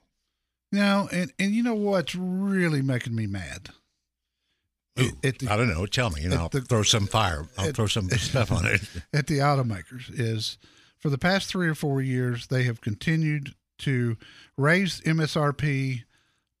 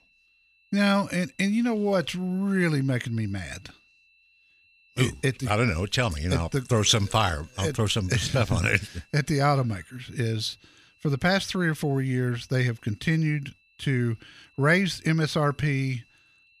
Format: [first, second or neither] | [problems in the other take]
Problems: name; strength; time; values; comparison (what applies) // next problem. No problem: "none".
first | high-pitched whine; faint; throughout; 2.5 kHz, 35 dB below the speech